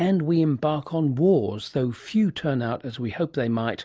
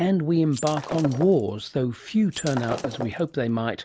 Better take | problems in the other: first | background sound (Shatter); 11 dB below the speech

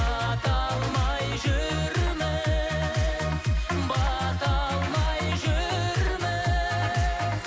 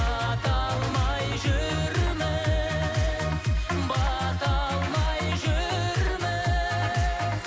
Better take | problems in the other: first | background sound (Bowed string instrument); 16 dB below the speech

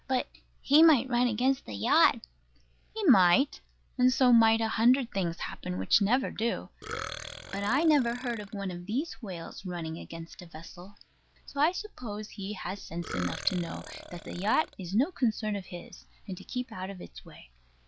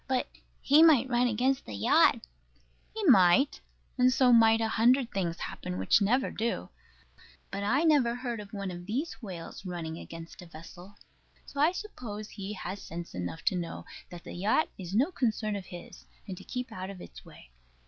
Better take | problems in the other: second | background sound (Burping, eructation); 12 dB below the speech

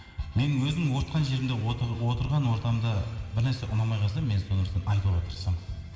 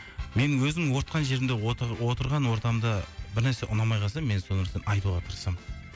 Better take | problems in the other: second | room echo; dies away in 2.6 s

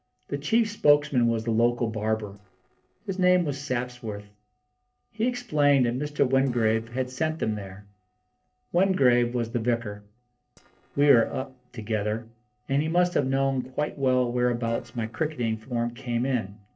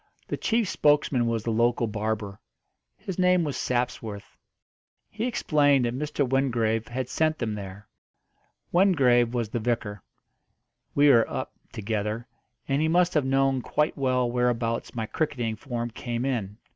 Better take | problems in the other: second | noise reduction (neural separator model SepFormer DNS4)

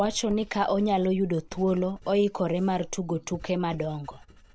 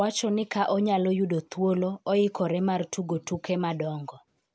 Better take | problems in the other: second | background sound (Writing); 18 dB below the speech

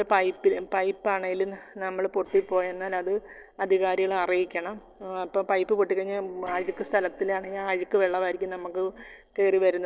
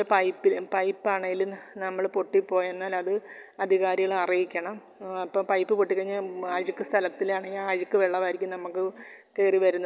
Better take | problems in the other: second | noise reduction (neural separator model SepFormer DNS4)

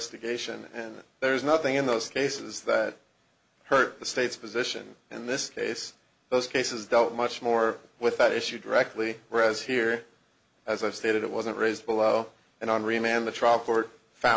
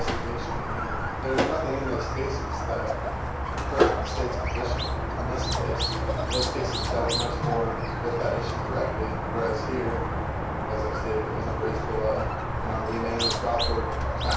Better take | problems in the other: first | background sound (Squeak); 4 dB above the speech // room echo; dies away in 0.6 s

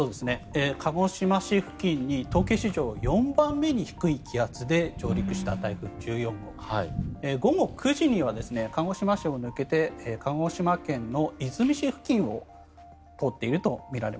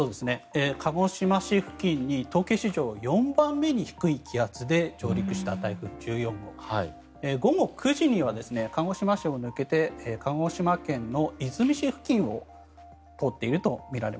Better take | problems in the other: second | background sound (Thunder); 14 dB below the speech

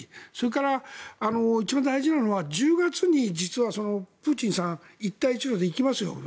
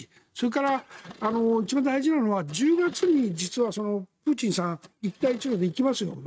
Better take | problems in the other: first | noise reduction (neural mask model RNNoise)

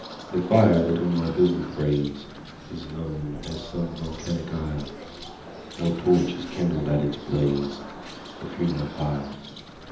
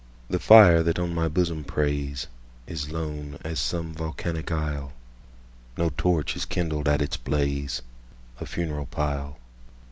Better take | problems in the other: second | background sound (Bird); 14 dB below the speech // room echo; dies away in 0.8 s

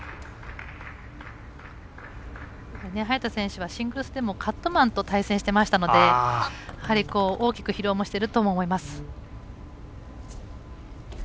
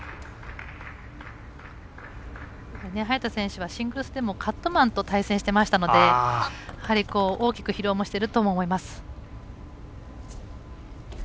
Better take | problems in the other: second | background sound (Brass instrument); 18 dB below the speech

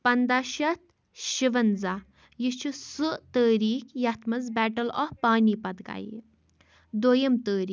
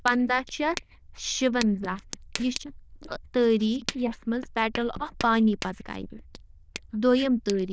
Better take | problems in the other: first | noise reduction (neural diffusion model UNIVERSE++)

